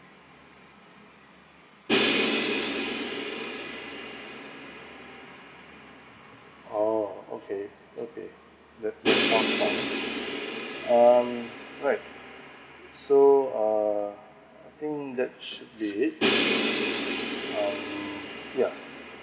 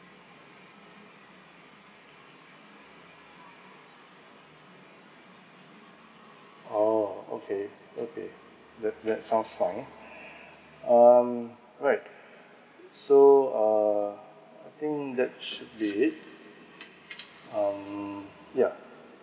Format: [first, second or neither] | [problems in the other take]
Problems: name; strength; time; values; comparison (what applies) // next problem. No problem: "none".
second | background sound (Crash cymbal); 3 dB below the speech